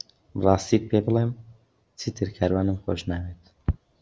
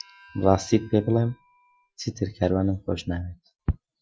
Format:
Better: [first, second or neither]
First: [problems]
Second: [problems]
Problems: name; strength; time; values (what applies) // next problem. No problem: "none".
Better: first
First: none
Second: noise reduction (classical method Wiener filter)